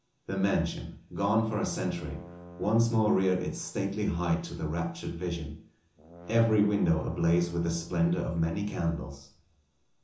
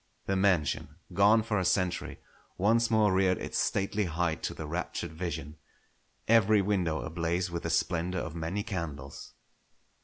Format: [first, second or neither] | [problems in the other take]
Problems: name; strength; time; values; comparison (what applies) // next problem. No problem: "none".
second | background sound (Brass instrument); 19 dB below the speech // room echo; dies away in 0.7 s